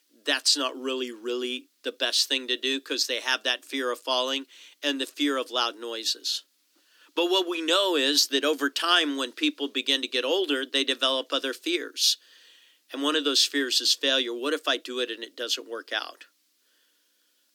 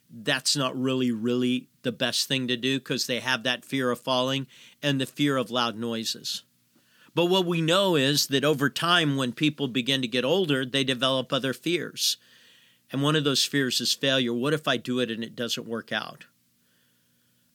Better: second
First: thin; very slightly; fading below 300 Hz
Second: none

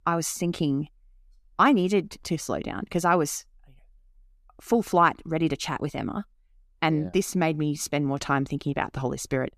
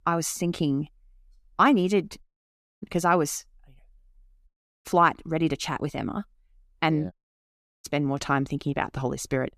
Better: first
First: none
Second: audio cutting out; at 2 s for 0.5 s, at 4.5 s and at 7 s for 0.5 s

